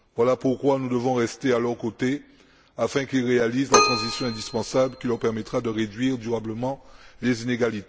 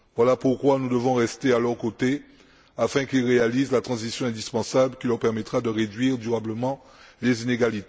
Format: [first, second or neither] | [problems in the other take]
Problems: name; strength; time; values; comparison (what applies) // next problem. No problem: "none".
second | background sound (Keyboard (musical)); 4 dB below the speech